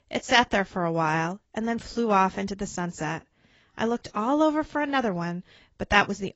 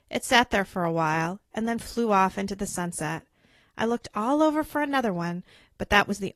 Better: second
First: garbled, watery; badly; nothing above 7.5 kHz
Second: garbled, watery; slightly

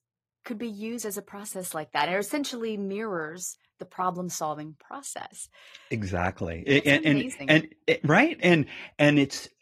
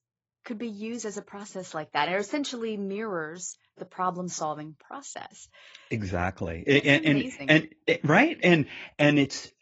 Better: first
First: garbled, watery; slightly; nothing above 14.5 kHz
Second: garbled, watery; badly; nothing above 7.5 kHz

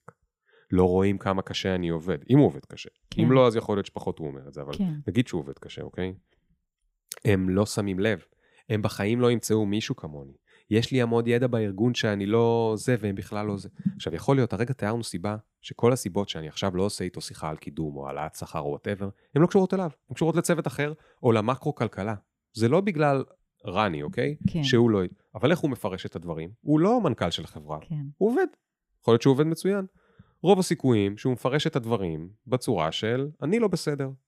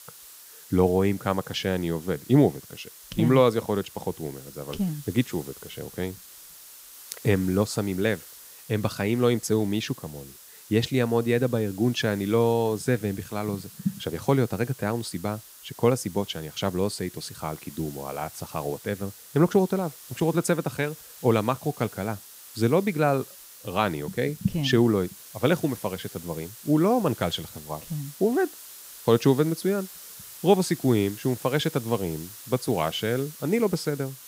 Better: first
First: none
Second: hiss; noticeable; throughout; 15 dB below the speech

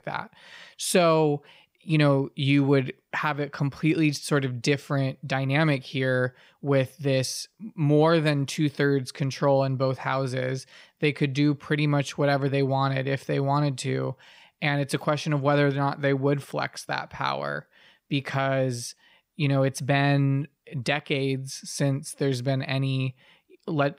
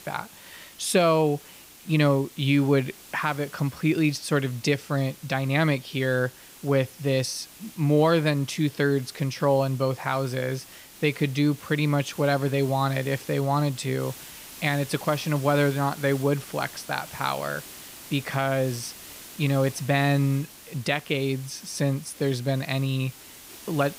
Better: first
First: none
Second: hiss; noticeable; throughout; 20 dB below the speech

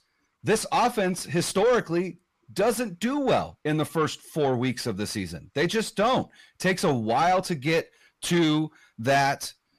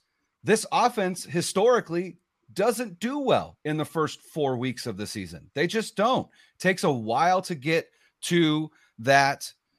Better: second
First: distortion; slight; 10 dB below the speech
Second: none

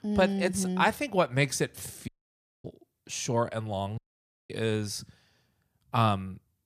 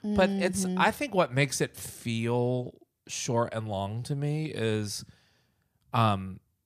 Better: second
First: audio cutting out; at 2 s for 0.5 s and at 4 s for 0.5 s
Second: none

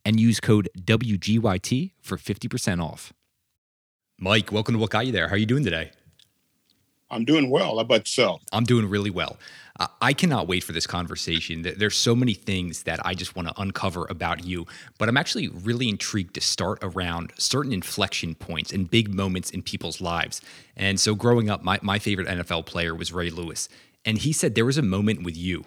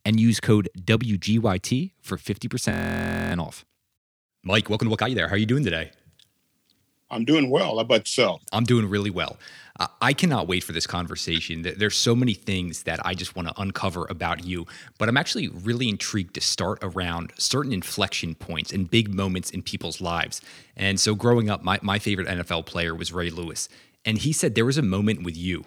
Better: first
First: none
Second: audio freezing; at 2.5 s for 0.5 s

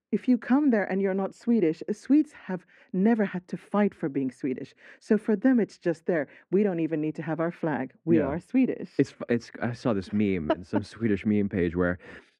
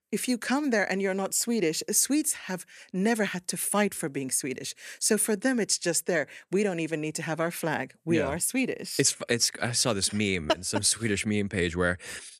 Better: second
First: muffled; very; fading above 1.5 kHz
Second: none

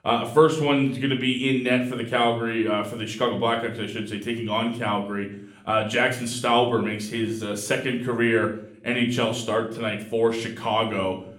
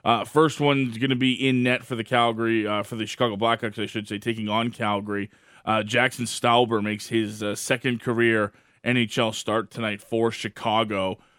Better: second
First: room echo; slight; dies away in 0.5 s // off-mic speech; somewhat distant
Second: none

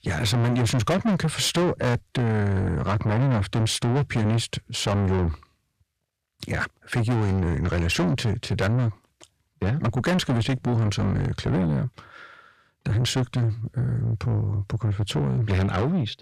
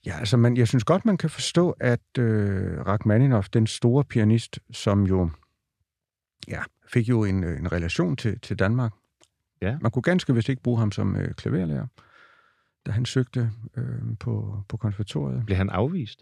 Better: second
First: distortion; heavy; 5 dB below the speech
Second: none

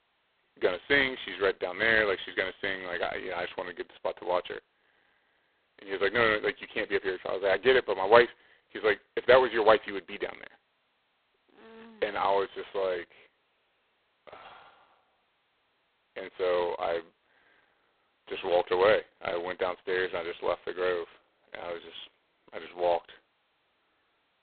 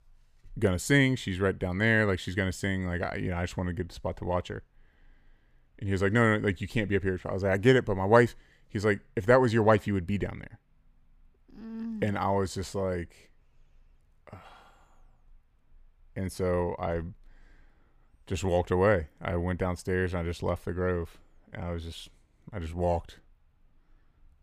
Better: second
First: phone-call audio; poor line; nothing above 4 kHz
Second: none

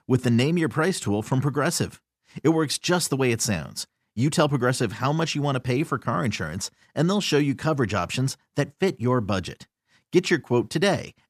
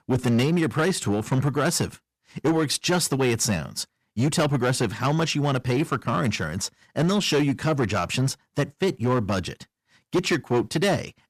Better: first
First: none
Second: distortion; slight; 8% of the sound clipped

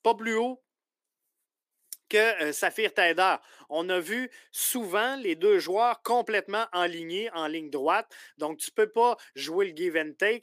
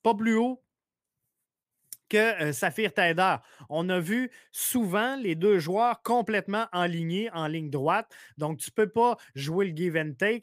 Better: second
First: thin; somewhat; fading below 300 Hz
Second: none

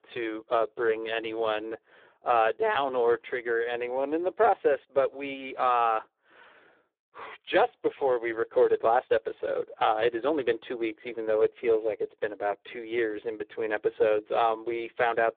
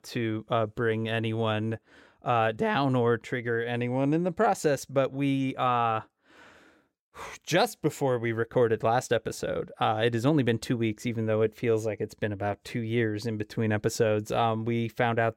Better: second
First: phone-call audio; poor line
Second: none

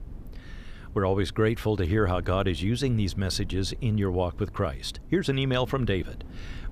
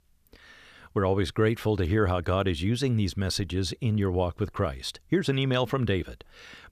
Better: second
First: low rumble; faint; throughout; 25 dB below the speech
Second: none

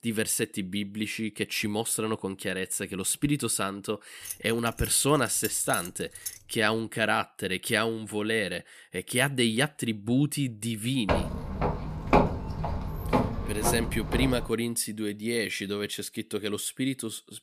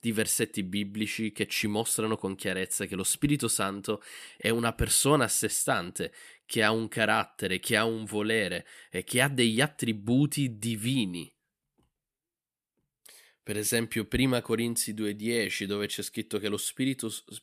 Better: second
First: jangling keys; noticeable; from 4.5 to 6.5 s; peak 5 dB below the speech // footsteps; loud; from 11 to 14 s; peak 5 dB above the speech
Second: none

